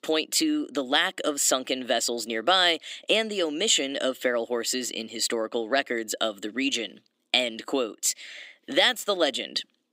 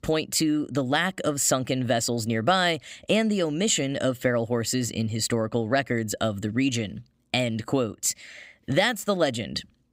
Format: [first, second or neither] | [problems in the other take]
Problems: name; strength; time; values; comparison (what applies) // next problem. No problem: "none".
second | thin; very slightly; fading below 300 Hz